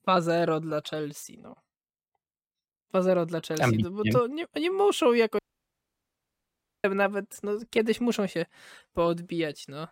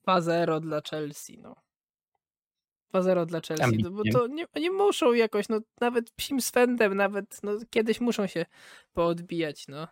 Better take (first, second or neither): second